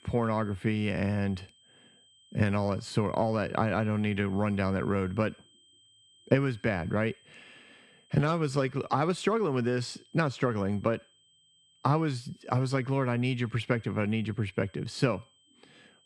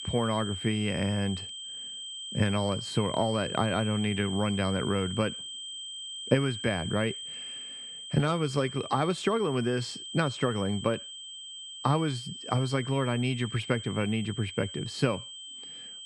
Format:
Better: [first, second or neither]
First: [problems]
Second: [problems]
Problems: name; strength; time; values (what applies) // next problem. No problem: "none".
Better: first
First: high-pitched whine; faint; throughout; 3 kHz, 30 dB below the speech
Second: high-pitched whine; loud; throughout; 3 kHz, 8 dB below the speech